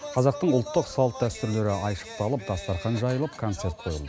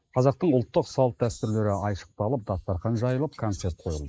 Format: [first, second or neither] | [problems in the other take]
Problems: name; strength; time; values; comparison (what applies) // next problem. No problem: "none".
first | noise reduction (neural mask model Resemble Enhance denoiser)